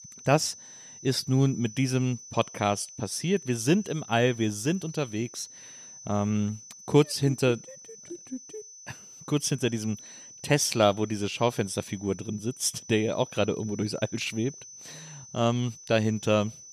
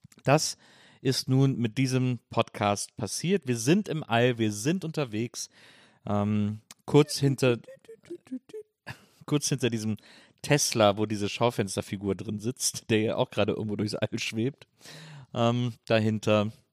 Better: second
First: high-pitched whine; noticeable; throughout; 6 kHz, 15 dB below the speech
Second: none

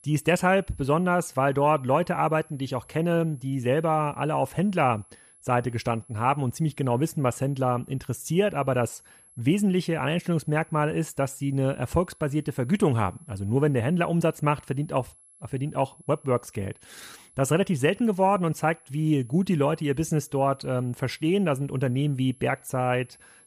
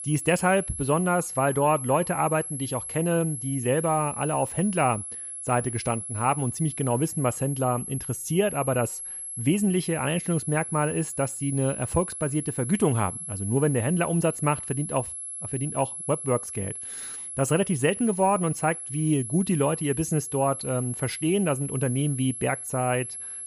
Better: first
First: high-pitched whine; faint; throughout; 11 kHz, 25 dB below the speech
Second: high-pitched whine; loud; throughout; 11 kHz, 7 dB below the speech

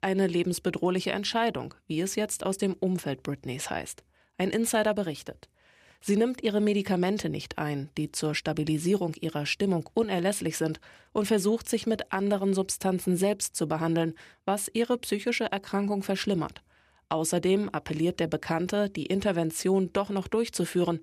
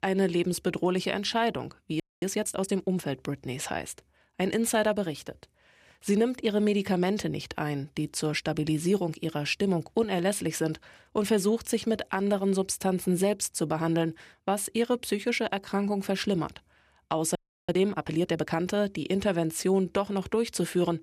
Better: first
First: none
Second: audio freezing; at 2 s and at 17 s

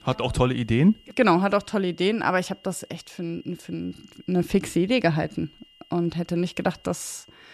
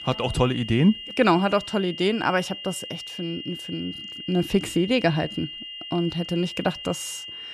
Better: first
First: high-pitched whine; faint; throughout; 3 kHz, 30 dB below the speech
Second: high-pitched whine; loud; throughout; 3 kHz, 10 dB below the speech

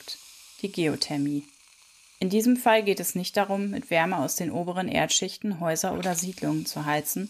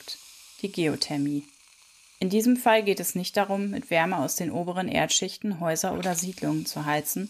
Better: neither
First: hiss; faint; throughout; 20 dB below the speech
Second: hiss; faint; throughout; 20 dB below the speech

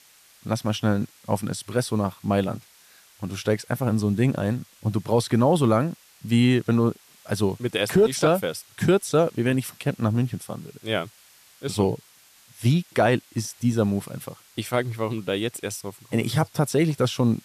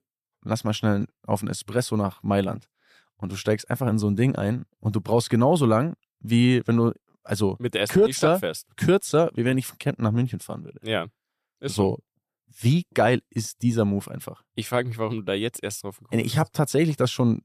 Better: second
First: hiss; faint; throughout; 25 dB below the speech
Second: none

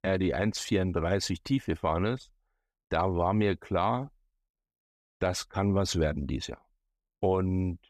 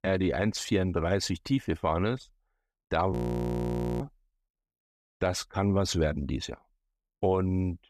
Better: first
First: none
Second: audio freezing; at 3 s for 1 s

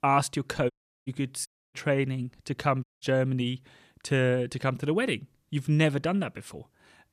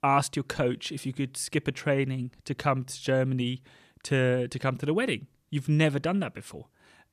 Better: second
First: audio cutting out; at 0.5 s, at 1.5 s and at 3 s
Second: none

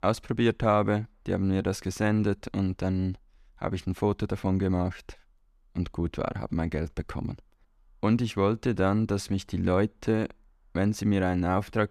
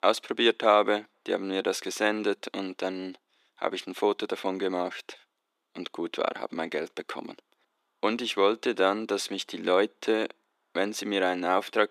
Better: first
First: none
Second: thin; somewhat; fading below 300 Hz

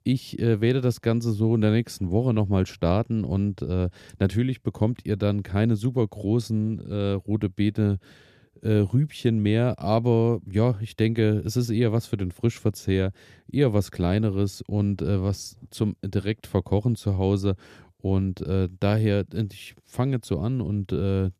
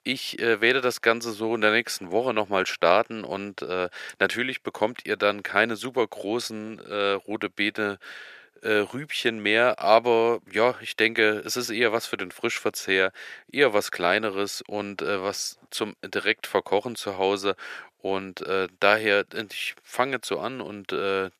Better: first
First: none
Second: thin; very; fading below 600 Hz

